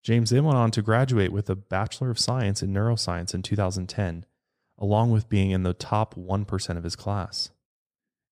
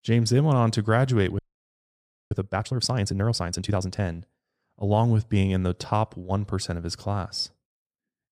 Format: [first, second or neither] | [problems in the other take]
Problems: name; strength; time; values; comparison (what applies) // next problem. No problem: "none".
first | audio freezing; at 1.5 s for 1 s